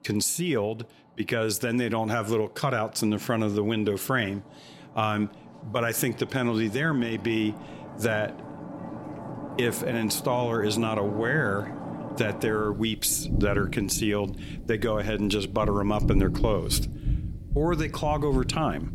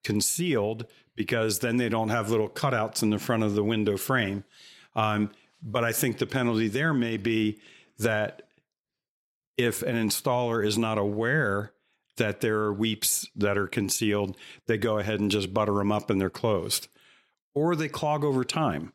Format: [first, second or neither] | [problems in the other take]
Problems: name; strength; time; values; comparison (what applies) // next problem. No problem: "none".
second | rain or running water; loud; throughout; 8 dB below the speech